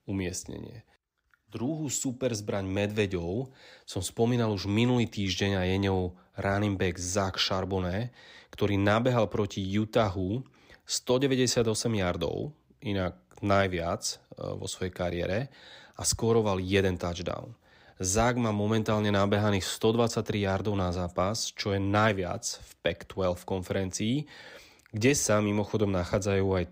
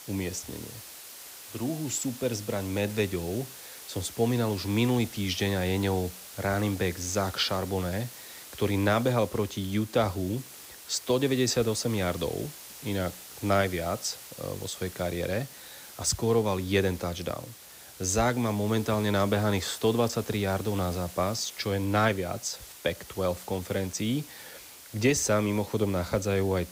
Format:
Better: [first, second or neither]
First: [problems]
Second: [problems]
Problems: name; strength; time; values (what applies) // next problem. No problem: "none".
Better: first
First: none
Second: hiss; noticeable; throughout; 15 dB below the speech